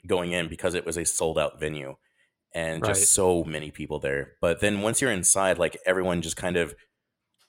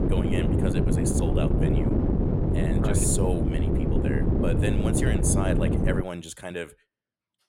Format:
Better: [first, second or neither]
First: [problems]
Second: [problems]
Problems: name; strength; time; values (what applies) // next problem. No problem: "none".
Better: first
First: none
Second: wind noise on the microphone; heavy; until 6 s; 2 dB above the speech